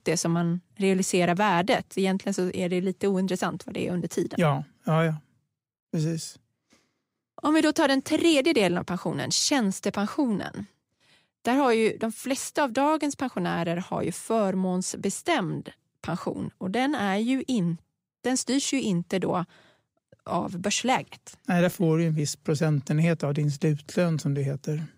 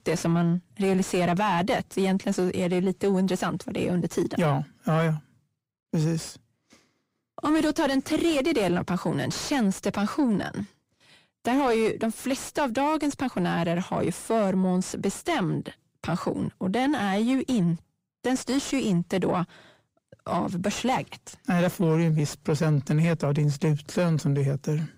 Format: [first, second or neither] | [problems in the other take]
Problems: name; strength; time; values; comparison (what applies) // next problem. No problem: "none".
first | distortion; slight; 10 dB below the speech